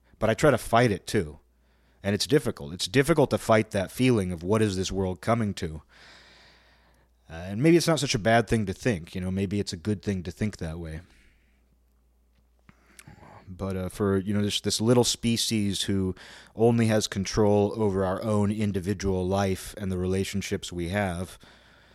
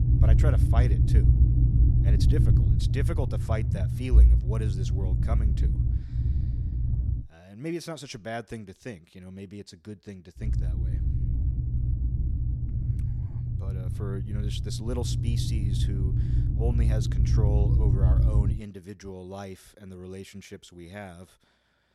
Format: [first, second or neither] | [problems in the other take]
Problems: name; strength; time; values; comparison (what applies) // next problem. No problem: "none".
first | low rumble; loud; until 7 s and from 10 to 19 s; 1 dB below the speech